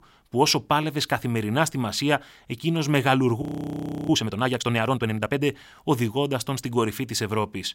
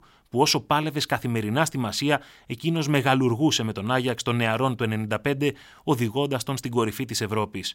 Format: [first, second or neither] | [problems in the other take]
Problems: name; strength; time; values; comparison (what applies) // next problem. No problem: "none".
second | audio freezing; at 3.5 s for 0.5 s